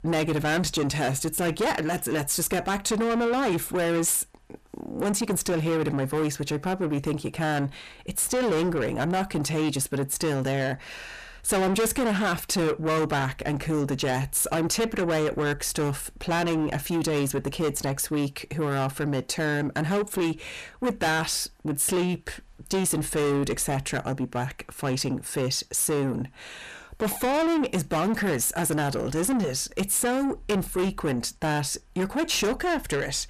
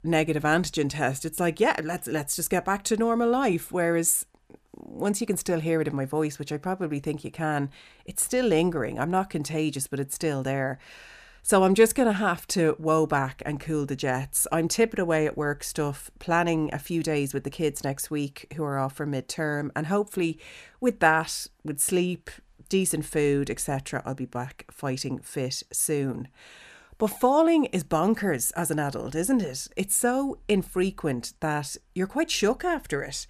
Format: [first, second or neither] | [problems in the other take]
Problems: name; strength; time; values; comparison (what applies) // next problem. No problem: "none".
second | distortion; heavy; 6 dB below the speech